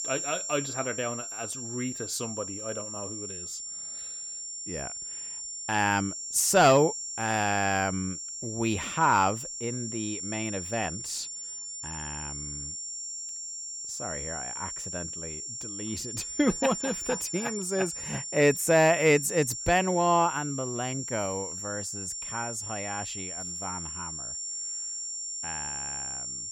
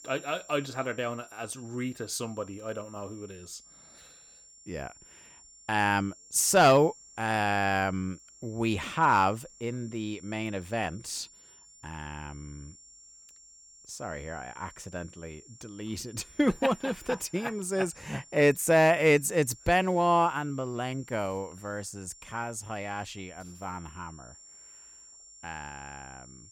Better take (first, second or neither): second